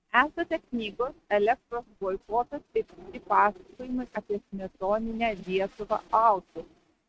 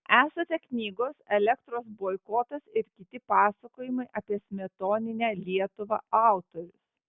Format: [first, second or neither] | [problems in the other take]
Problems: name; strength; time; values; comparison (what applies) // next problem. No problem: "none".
second | noise reduction (neural mask model RNNoise)